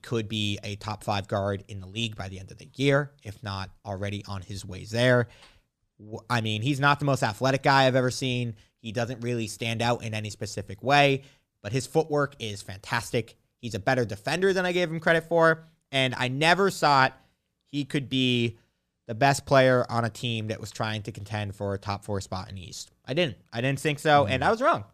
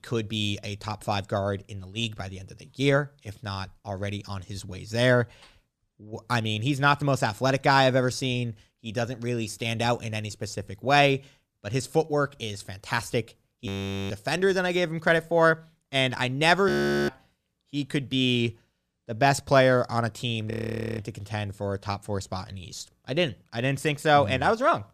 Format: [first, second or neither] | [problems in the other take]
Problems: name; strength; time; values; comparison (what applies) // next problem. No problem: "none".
first | audio freezing; at 14 s, at 17 s and at 21 s